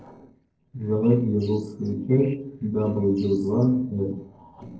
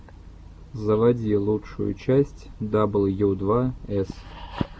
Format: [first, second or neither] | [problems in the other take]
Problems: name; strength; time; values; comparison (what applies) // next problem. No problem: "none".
second | noise reduction (neural separator model SepFormer DNS4)